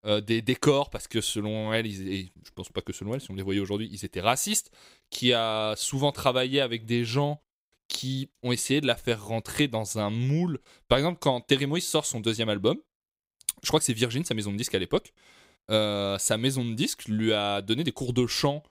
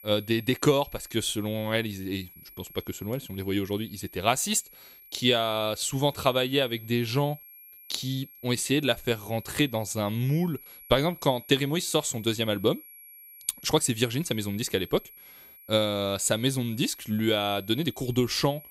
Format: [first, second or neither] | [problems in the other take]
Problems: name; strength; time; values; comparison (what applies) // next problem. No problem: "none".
first | high-pitched whine; noticeable; throughout; 11.5 kHz, 20 dB below the speech